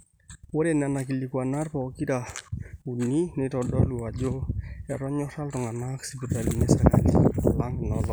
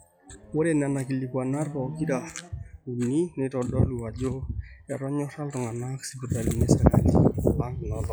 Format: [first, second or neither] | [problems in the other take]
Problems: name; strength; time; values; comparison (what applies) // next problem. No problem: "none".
first | noise reduction (classical method log-MMSE)